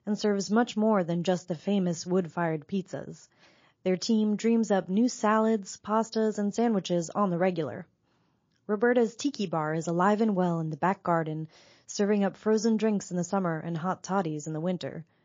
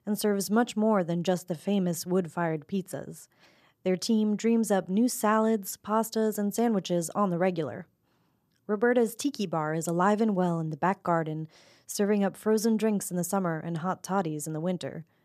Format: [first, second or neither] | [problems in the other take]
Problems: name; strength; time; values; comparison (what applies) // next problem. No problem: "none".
second | garbled, watery; slightly